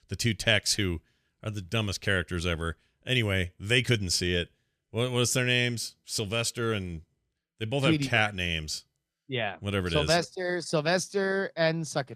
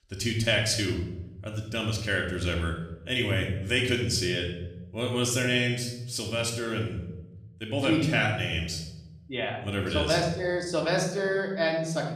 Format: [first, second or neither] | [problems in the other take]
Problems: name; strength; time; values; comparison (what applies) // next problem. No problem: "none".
first | room echo; noticeable; dies away in 0.8 s // off-mic speech; somewhat distant